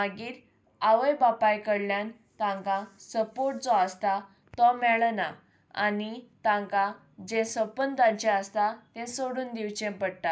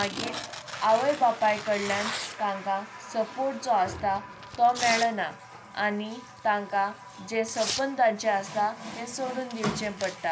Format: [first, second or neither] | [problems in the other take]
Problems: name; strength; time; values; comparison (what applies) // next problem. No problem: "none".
first | background sound (Tearing + Water tap, faucet); 9 dB below the speech